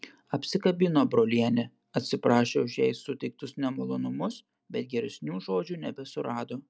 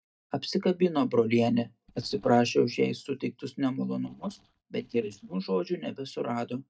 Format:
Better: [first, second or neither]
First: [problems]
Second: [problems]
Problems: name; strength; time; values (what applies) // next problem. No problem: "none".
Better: first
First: none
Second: noise reduction (neural mask model DeepFilterNet 3)